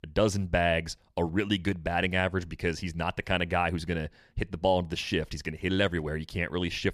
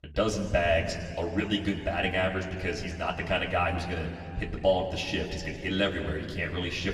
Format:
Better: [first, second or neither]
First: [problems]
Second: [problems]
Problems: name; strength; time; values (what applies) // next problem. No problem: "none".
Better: first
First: none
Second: room echo; slight; dies away in 2.3 s // off-mic speech; somewhat distant